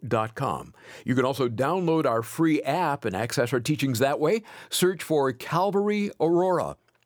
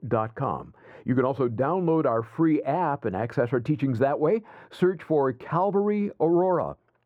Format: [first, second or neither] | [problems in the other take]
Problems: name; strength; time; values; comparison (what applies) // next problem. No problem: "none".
first | muffled; very; fading above 3 kHz